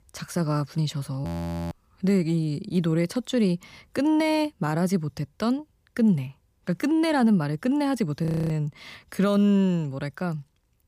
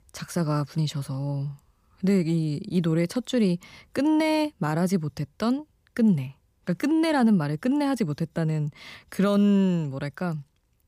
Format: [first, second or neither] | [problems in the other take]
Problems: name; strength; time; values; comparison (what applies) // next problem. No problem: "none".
second | audio freezing; at 1.5 s and at 8.5 s